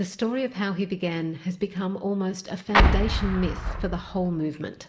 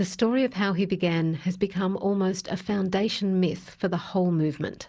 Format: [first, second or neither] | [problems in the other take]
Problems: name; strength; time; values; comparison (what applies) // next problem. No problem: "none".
second | background sound (Explosion); 4 dB above the speech // room echo; dies away in 0.7 s